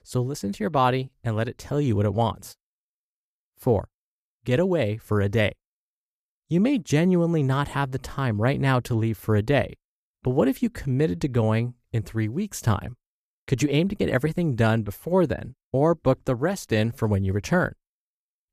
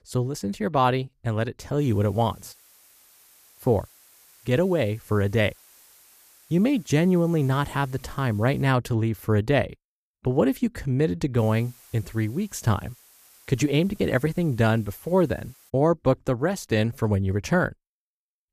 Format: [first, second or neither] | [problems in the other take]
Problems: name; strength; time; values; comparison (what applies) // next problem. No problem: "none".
first | hiss; faint; from 2 to 8.5 s and from 11 to 16 s; 25 dB below the speech